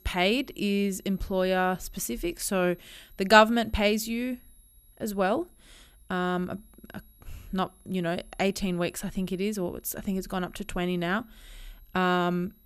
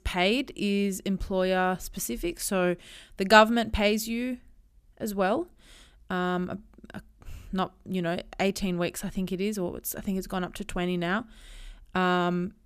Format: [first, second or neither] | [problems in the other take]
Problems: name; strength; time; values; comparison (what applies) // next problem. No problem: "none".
second | high-pitched whine; faint; throughout; 11.5 kHz, 30 dB below the speech